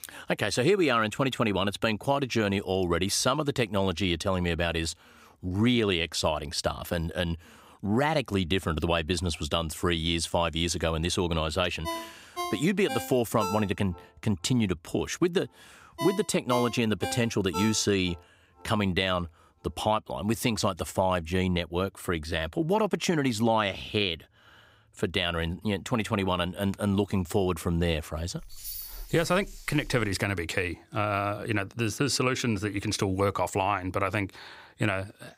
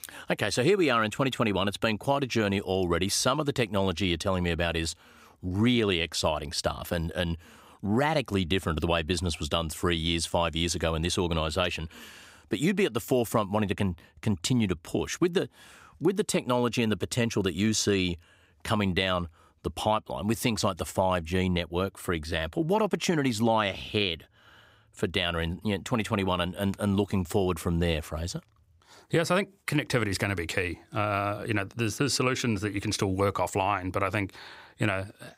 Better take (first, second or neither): second